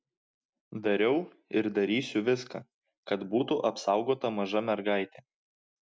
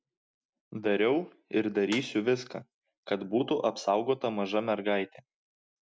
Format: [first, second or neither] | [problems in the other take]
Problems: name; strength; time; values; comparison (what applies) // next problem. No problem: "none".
first | background sound (Snare drum); 13 dB below the speech